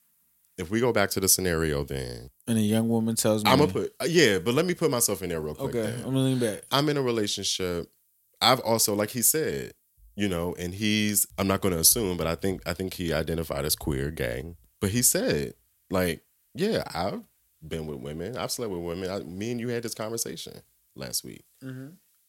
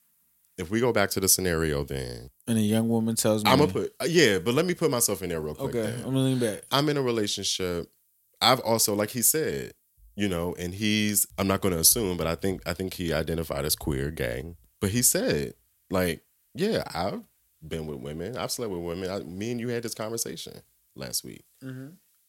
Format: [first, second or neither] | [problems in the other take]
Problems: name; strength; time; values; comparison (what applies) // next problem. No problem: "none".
neither | none